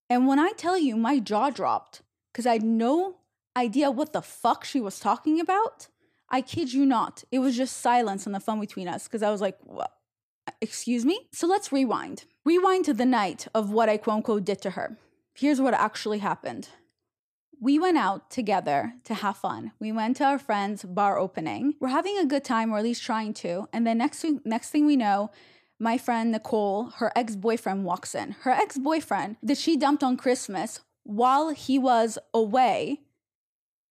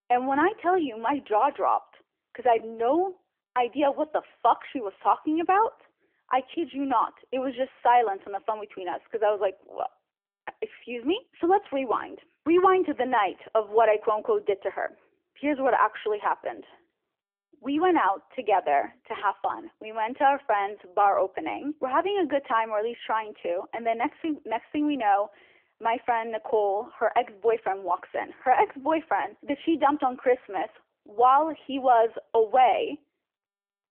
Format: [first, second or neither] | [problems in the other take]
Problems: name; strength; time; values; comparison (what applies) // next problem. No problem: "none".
first | phone-call audio; nothing above 3 kHz